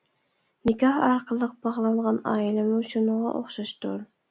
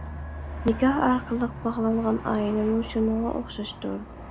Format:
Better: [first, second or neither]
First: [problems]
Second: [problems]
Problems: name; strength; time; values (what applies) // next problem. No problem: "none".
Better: first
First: none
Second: background sound (Aircraft); 11 dB below the speech